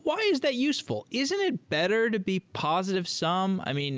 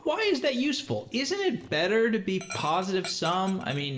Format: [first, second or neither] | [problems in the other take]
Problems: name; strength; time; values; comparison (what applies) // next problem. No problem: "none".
first | background sound (Dog); 19 dB below the speech // room echo; dies away in 0.6 s